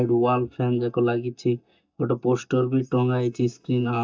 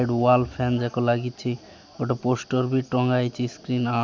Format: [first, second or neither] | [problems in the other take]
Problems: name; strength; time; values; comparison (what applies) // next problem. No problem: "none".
second | noise reduction (neural mask model DeepFilterNet 3)